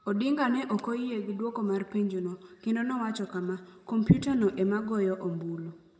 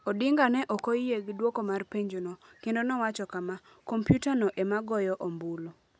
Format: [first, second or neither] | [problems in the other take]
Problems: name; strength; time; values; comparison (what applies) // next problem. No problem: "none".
second | room echo; dies away in 1.1 s